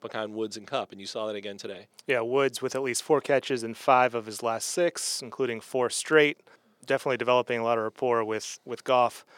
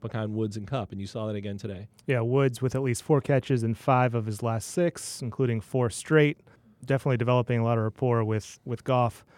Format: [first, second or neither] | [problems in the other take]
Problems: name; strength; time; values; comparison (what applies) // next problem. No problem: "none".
second | thin; somewhat; fading below 400 Hz